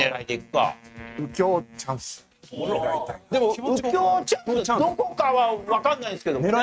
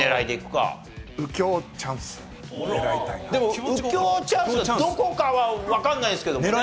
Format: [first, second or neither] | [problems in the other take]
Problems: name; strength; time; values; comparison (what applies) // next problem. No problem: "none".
second | noise reduction (neural mask model RNNoise)